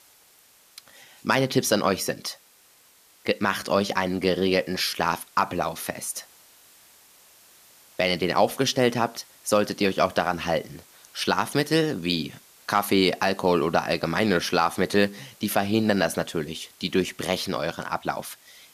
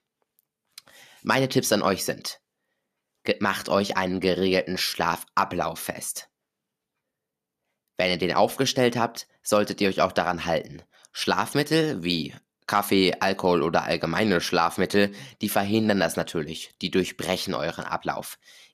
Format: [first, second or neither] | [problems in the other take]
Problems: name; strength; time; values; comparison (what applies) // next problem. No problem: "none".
second | hiss; faint; throughout; 25 dB below the speech